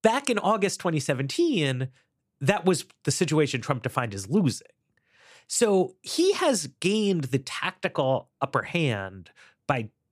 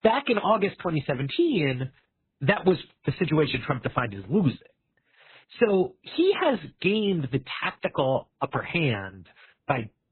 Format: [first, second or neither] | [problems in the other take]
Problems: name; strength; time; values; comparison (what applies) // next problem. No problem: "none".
first | garbled, watery; badly; nothing above 4 kHz